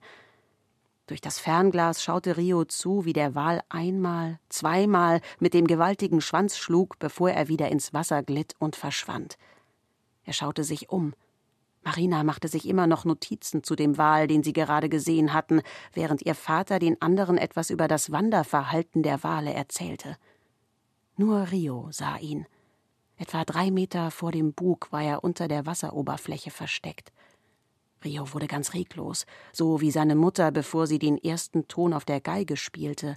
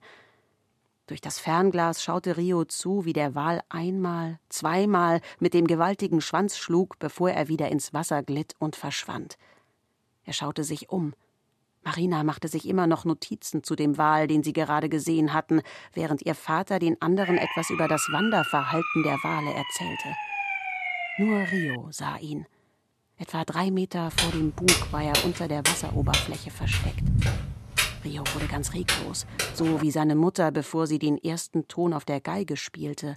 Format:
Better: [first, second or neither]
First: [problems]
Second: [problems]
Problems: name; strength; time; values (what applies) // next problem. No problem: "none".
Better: first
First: none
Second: siren; noticeable; from 17 to 22 s; peak 1 dB below the speech // footsteps; loud; from 24 to 30 s; peak 5 dB above the speech